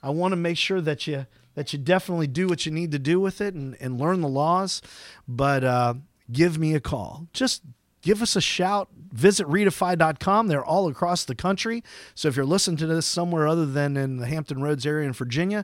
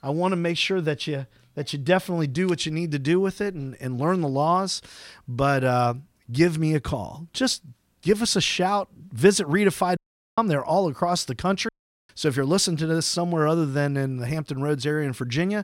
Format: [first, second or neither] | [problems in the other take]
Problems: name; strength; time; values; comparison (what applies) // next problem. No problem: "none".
first | audio cutting out; at 10 s and at 12 s